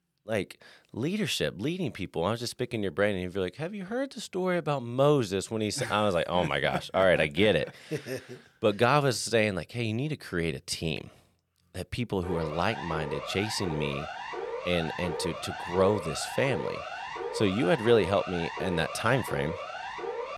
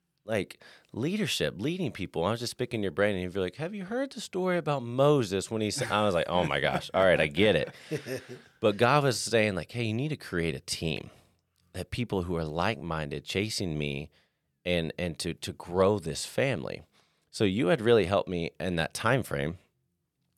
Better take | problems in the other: second | siren; noticeable; from 12 s on; peak 6 dB below the speech

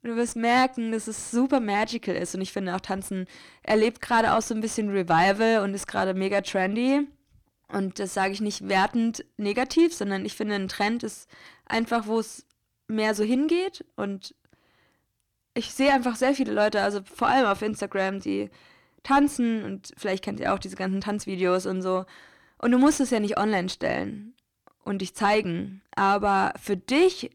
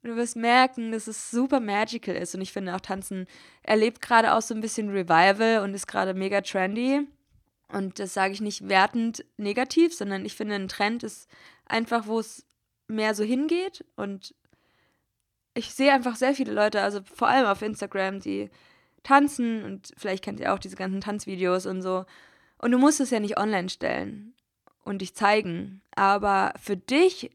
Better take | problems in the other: second | distortion; slight; 10 dB below the speech

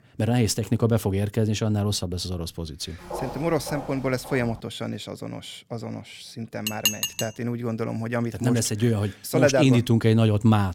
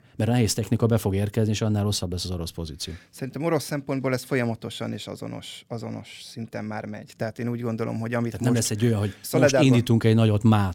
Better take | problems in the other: second | footsteps; noticeable; from 3 to 4.5 s; peak 9 dB below the speech // clattering dishes; loud; at 6.5 s; peak 1 dB above the speech

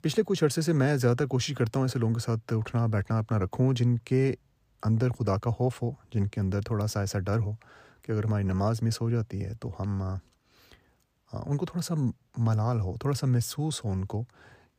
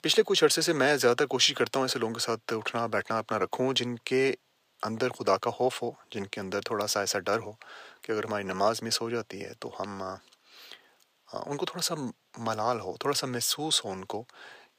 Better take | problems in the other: first | thin; very; fading below 450 Hz

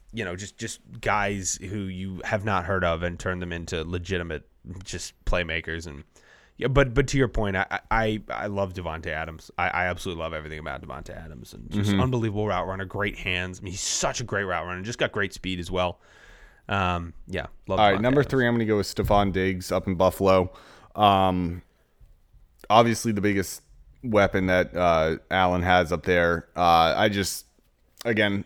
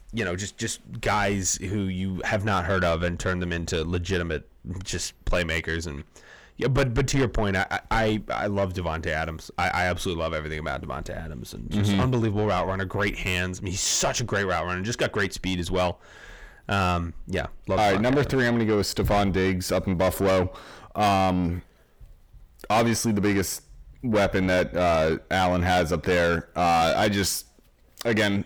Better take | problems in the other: first | distortion; heavy; 8 dB below the speech

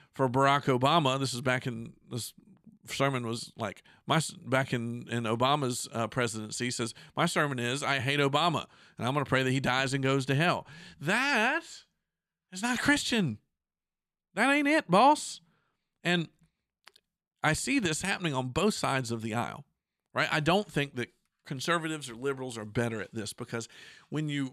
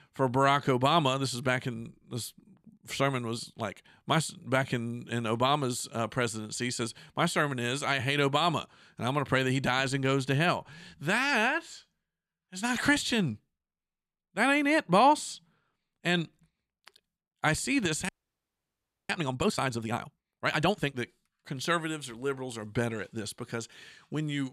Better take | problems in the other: first | audio freezing; at 18 s for 1 s

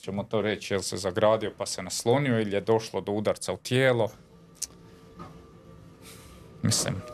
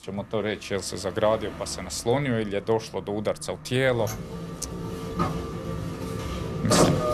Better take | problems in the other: first | traffic noise; loud; throughout; 2 dB below the speech; faint in the first

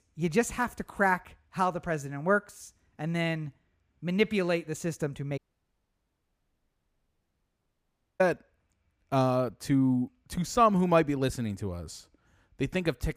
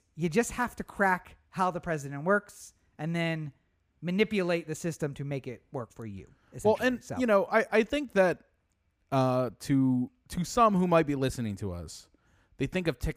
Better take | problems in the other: second | audio cutting out; at 5.5 s for 3 s

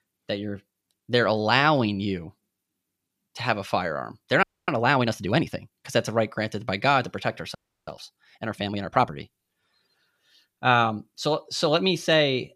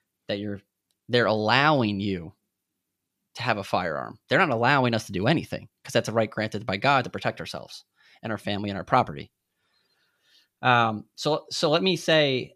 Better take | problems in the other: second | audio freezing; at 4.5 s and at 7.5 s

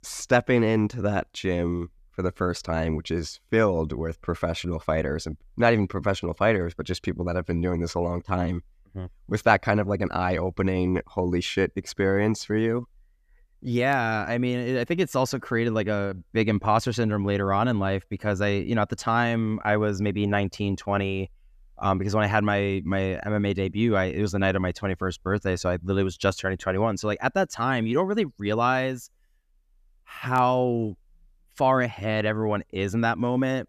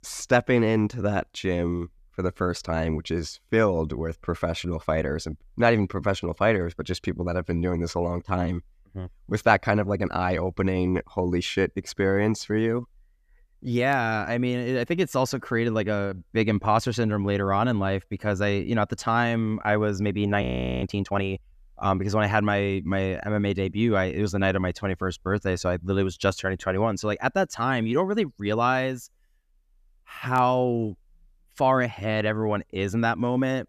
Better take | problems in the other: first | audio freezing; at 20 s

